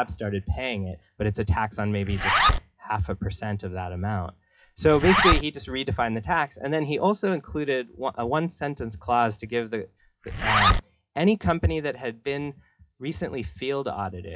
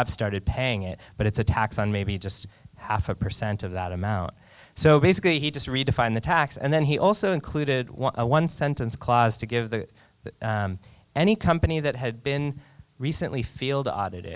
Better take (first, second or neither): second